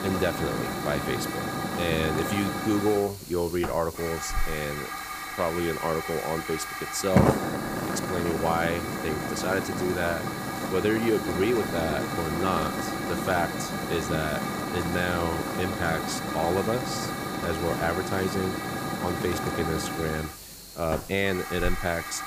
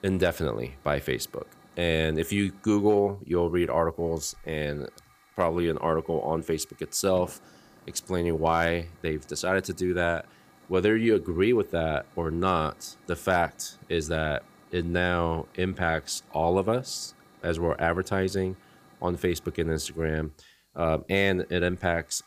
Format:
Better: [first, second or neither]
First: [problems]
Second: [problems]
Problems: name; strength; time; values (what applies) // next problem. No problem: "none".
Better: second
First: hiss; loud; throughout; 1 dB below the speech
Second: hiss; faint; throughout; 30 dB below the speech